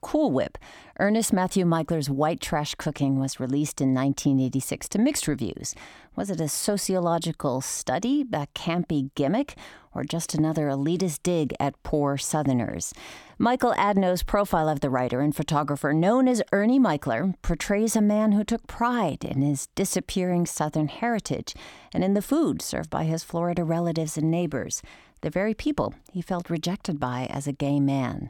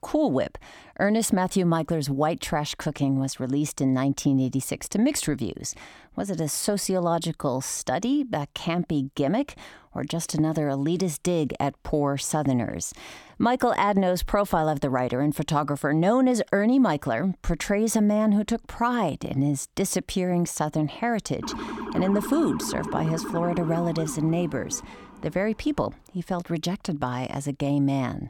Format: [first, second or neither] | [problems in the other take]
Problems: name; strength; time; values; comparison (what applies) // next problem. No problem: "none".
first | siren; noticeable; from 21 to 25 s; peak 7 dB below the speech